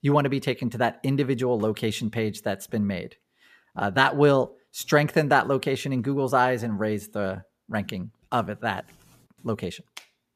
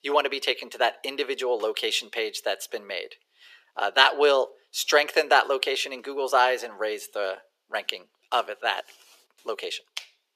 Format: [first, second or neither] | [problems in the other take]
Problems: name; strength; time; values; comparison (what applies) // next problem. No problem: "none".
first | thin; very; fading below 400 Hz